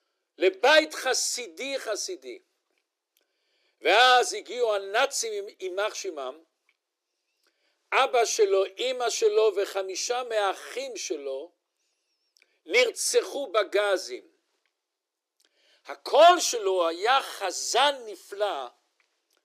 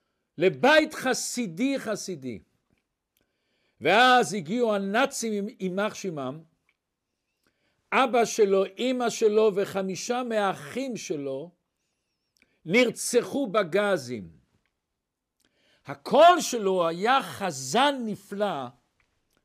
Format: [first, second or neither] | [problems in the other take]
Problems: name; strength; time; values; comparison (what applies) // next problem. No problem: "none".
second | thin; very; fading below 350 Hz